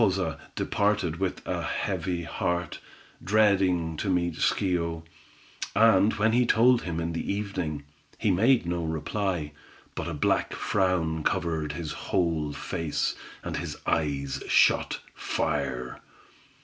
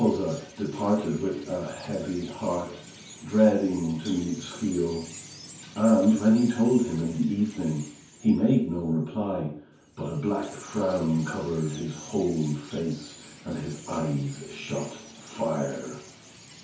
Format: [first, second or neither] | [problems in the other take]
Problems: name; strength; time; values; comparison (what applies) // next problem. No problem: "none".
first | background sound (Chirp, tweet); 19 dB below the speech // room echo; dies away in 0.6 s